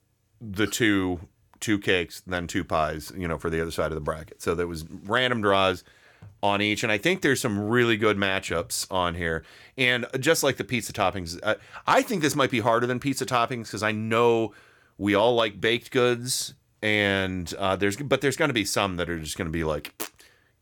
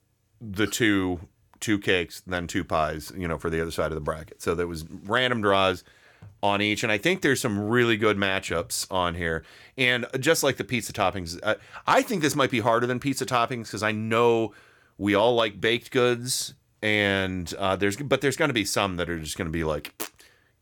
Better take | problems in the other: neither | none

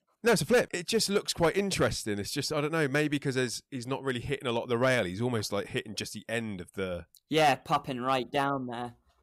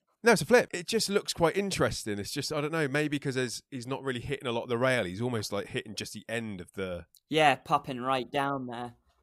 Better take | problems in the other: second | distortion; slight; 1.9% of the sound clipped

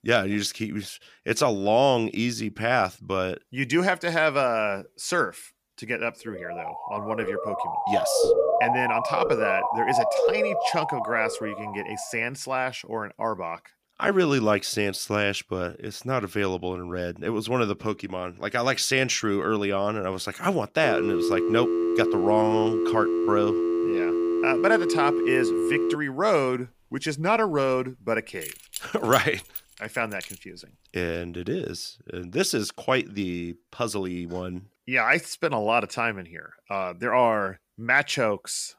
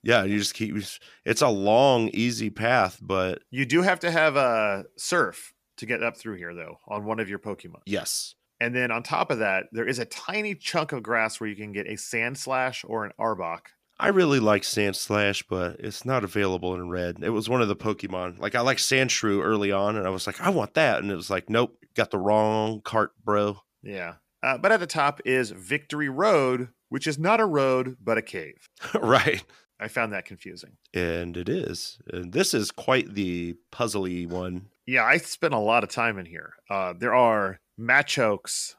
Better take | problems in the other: second | siren; loud; from 6.5 to 12 s; peak 5 dB above the speech // phone ringing; loud; from 21 to 26 s; peak 2 dB above the speech // jangling keys; noticeable; from 28 to 30 s; peak 9 dB below the speech

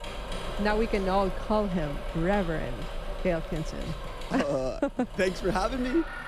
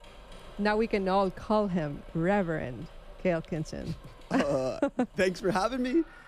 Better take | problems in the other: second | machinery noise; loud; throughout; 9 dB below the speech; faint in the second

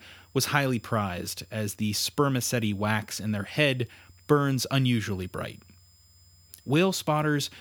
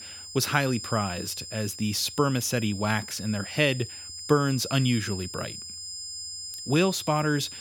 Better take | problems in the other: first | high-pitched whine; loud; throughout; 5 kHz, 10 dB below the speech; faint in the first

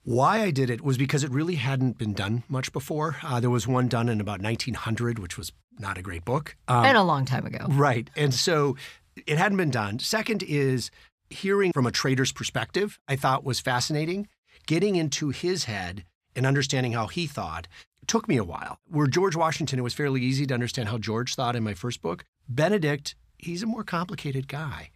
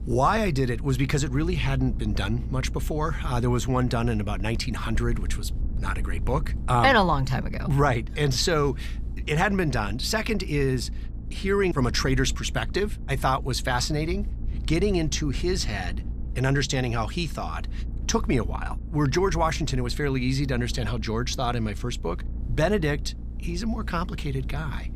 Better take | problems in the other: first | low rumble; faint; throughout; 20 dB below the speech

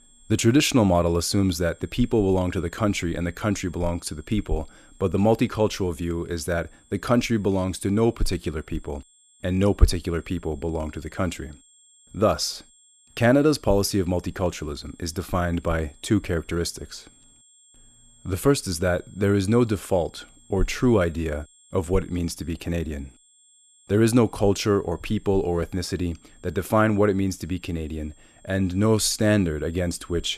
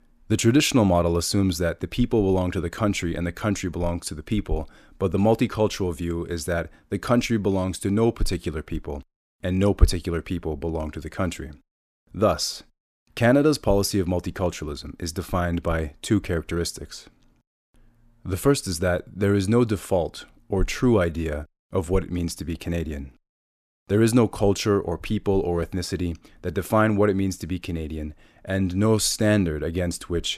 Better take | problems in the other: second | high-pitched whine; faint; throughout; 7.5 kHz, 30 dB below the speech

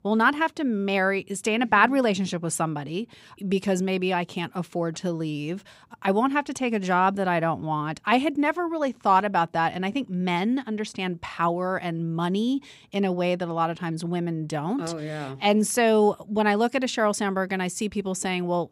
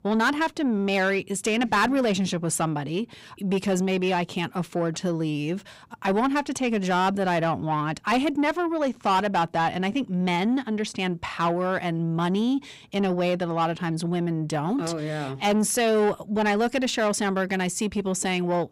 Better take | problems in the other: first | distortion; slight; 10 dB below the speech

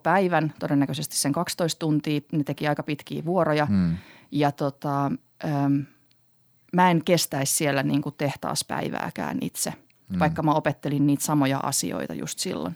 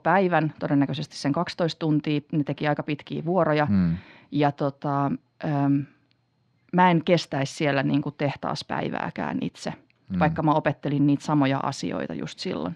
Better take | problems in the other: first | muffled; slightly; fading above 4 kHz

